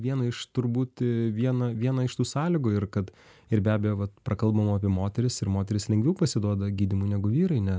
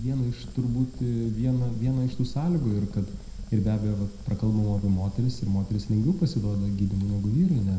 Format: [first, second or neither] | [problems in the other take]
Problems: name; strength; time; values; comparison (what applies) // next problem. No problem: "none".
first | background sound (Fire); 12 dB below the speech // room echo; dies away in 0.7 s